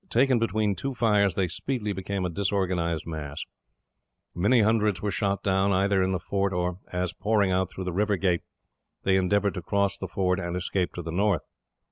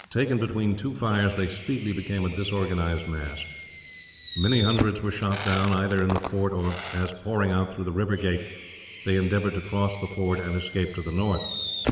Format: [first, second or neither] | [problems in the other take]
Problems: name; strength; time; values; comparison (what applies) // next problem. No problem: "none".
first | background sound (Fireworks); 10 dB below the speech // room echo; dies away in 3 s